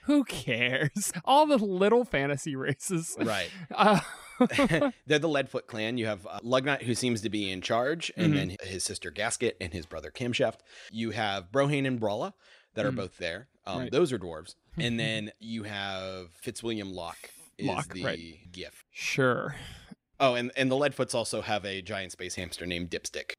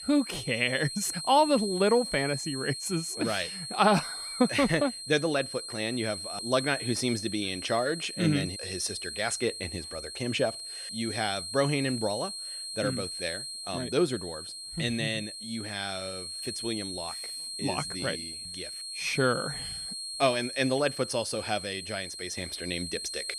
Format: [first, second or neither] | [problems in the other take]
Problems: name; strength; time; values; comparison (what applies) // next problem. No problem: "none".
first | high-pitched whine; loud; throughout; 4 kHz, 6 dB below the speech